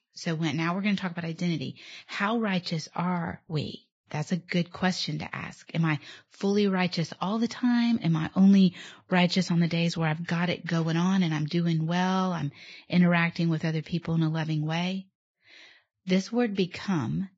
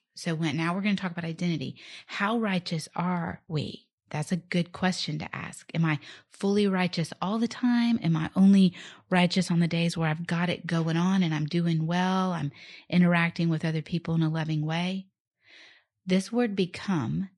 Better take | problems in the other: second | garbled, watery; badly; nothing above 7.5 kHz; slightly in the second

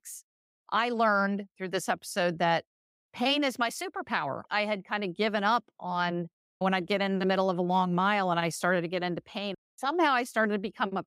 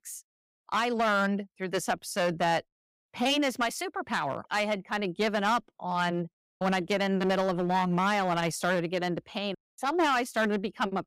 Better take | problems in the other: first | distortion; slight; 6% of the sound clipped

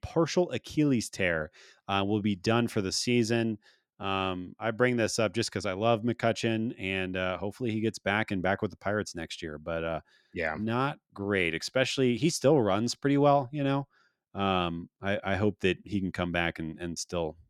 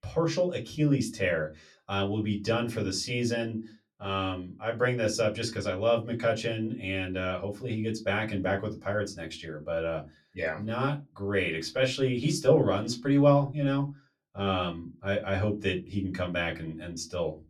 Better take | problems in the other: first | off-mic speech; far // room echo; very slight; dies away in 0.2 s

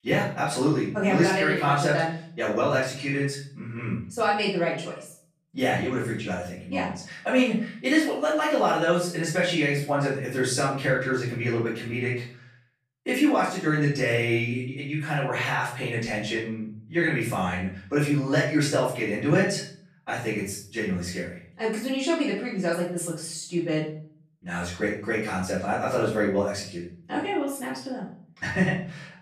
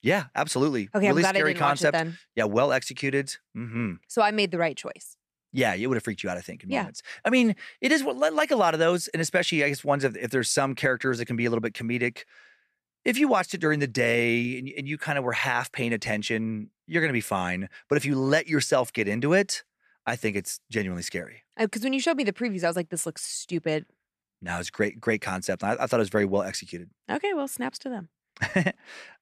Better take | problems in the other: second | off-mic speech; far // room echo; noticeable; dies away in 0.5 s

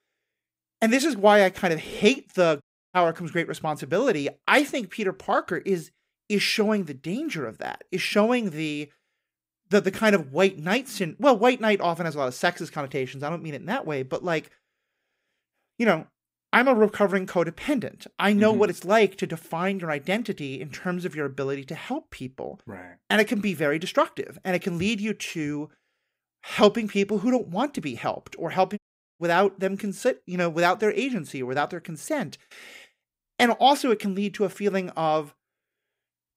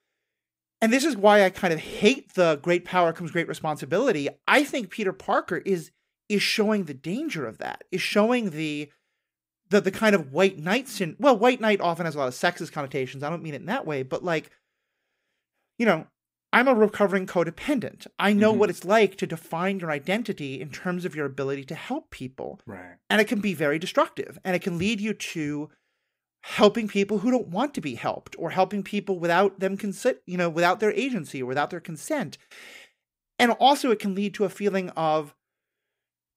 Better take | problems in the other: second | audio cutting out; at 2.5 s and at 29 s

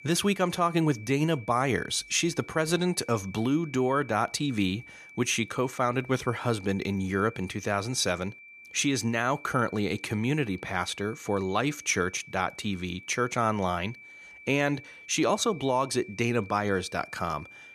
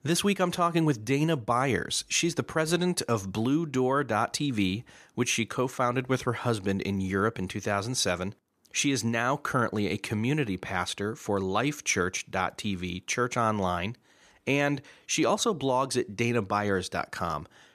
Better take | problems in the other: second | high-pitched whine; noticeable; throughout; 2.5 kHz, 20 dB below the speech

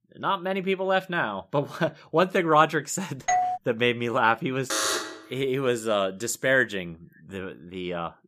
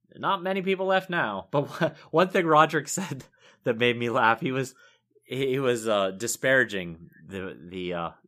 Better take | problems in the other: second | doorbell; loud; at 3.5 s; peak 1 dB above the speech // alarm; loud; at 4.5 s; peak 1 dB above the speech

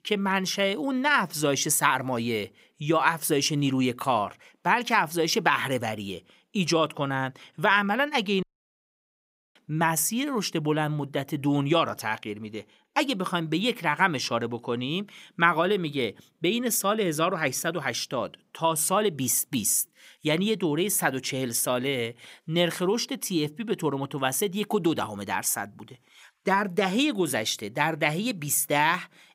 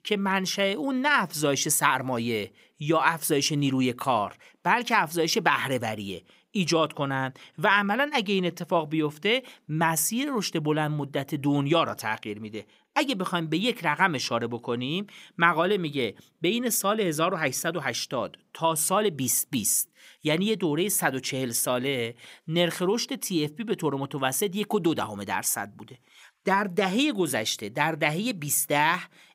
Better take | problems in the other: second | audio cutting out; at 8.5 s for 1 s

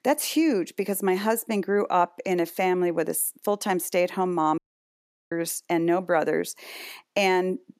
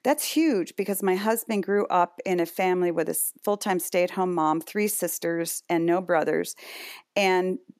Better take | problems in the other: second | audio cutting out; at 4.5 s for 0.5 s

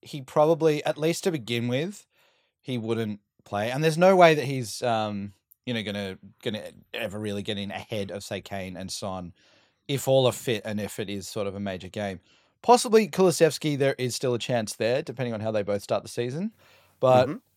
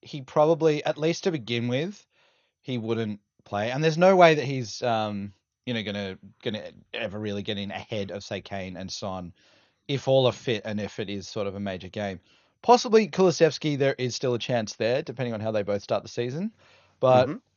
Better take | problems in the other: first | garbled, watery; slightly; nothing above 6.5 kHz

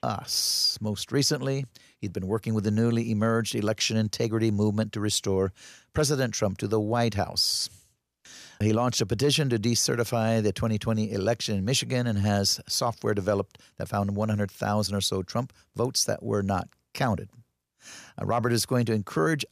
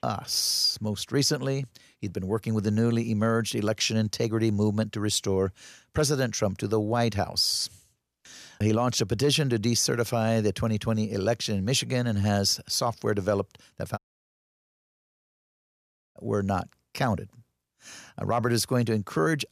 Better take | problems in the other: first | audio cutting out; at 14 s for 2 s

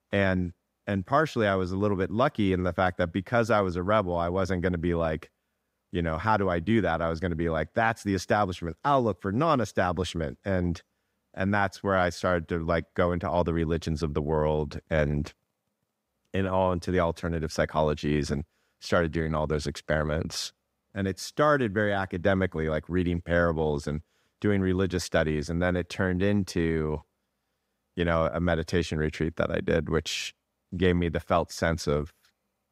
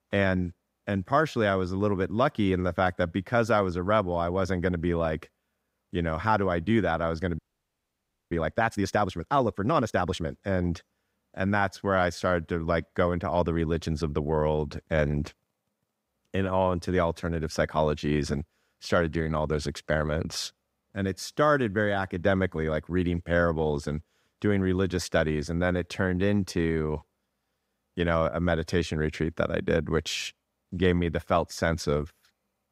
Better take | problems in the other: first | audio freezing; at 7.5 s for 1 s

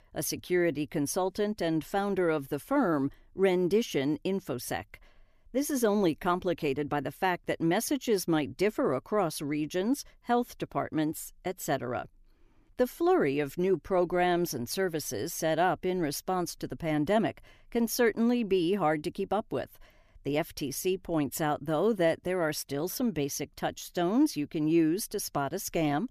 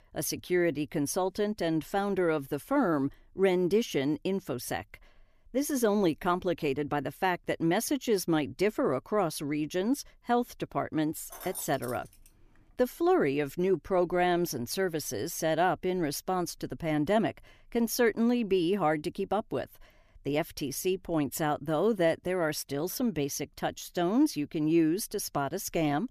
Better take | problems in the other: first | jangling keys; noticeable; at 11 s; peak 10 dB below the speech

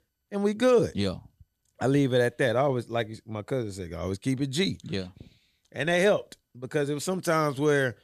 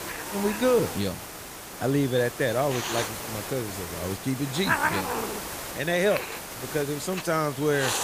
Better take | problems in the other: first | hiss; loud; throughout; 5 dB below the speech

